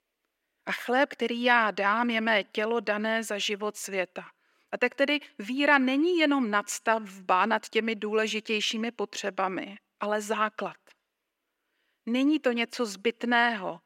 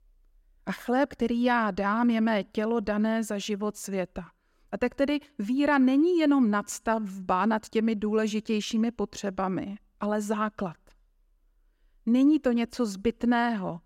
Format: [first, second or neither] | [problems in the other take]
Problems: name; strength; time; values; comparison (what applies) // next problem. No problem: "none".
second | thin; somewhat; fading below 350 Hz